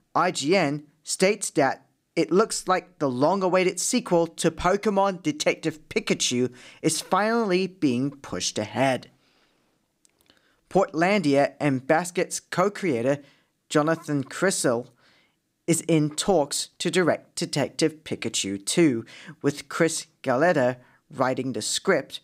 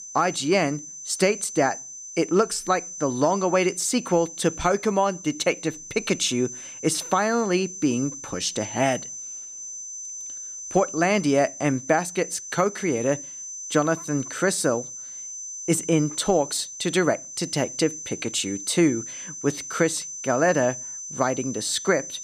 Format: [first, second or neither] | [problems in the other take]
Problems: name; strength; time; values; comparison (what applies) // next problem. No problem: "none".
first | high-pitched whine; noticeable; throughout; 6 kHz, 10 dB below the speech